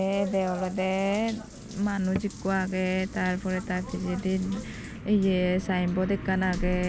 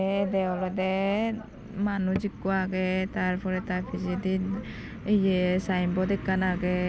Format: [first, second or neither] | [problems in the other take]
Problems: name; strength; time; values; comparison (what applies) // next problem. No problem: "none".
second | background sound (Drip / Trickle, dribble / Bathtub (filling or washing) / Water tap, faucet); 16 dB below the speech